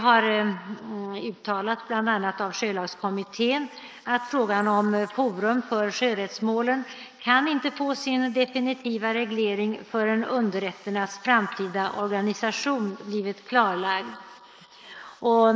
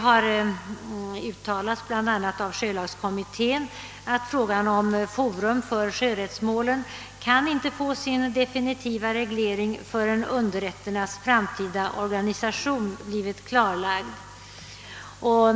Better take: second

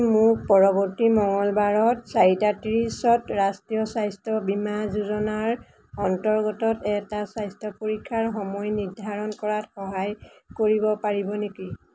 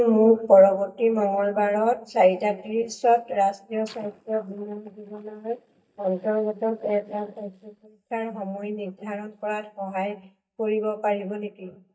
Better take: first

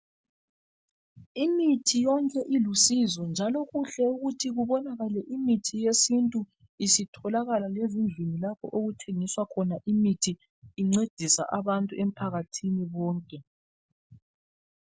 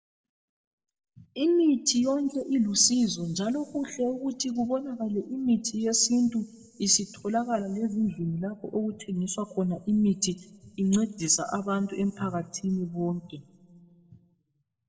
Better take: first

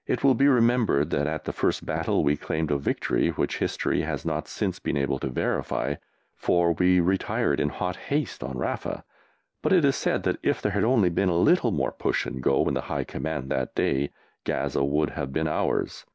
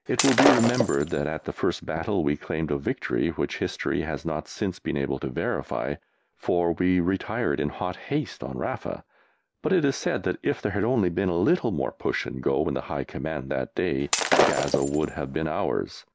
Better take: first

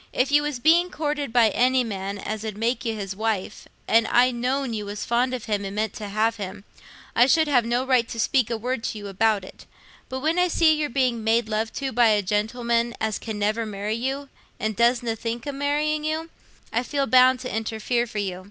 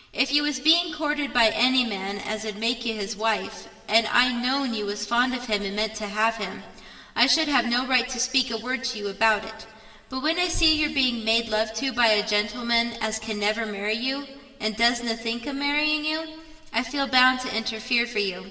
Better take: first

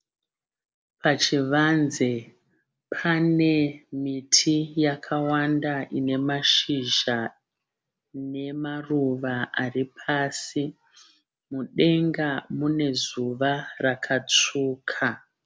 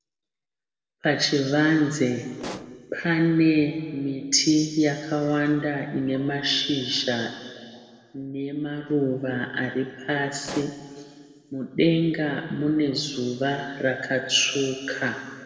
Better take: first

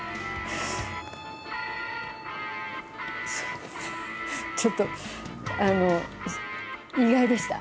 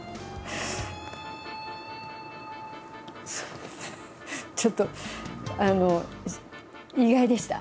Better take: second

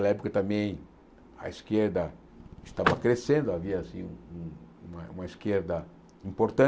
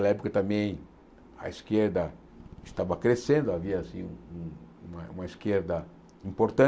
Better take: second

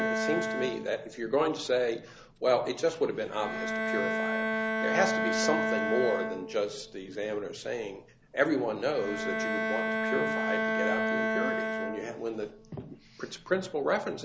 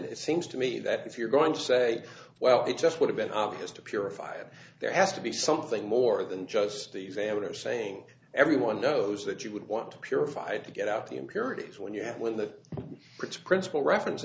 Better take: second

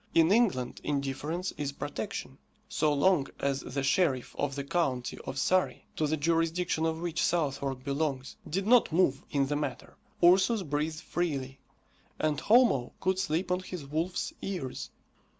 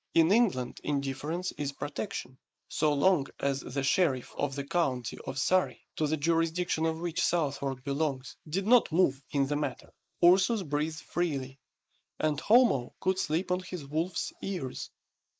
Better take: first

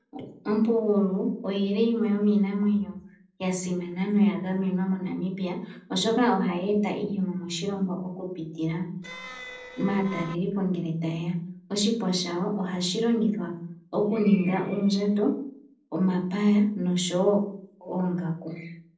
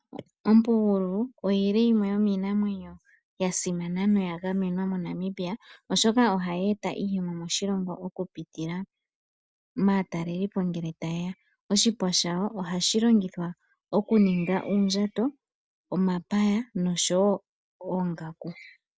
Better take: second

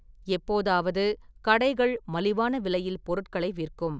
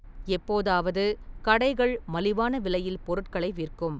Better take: first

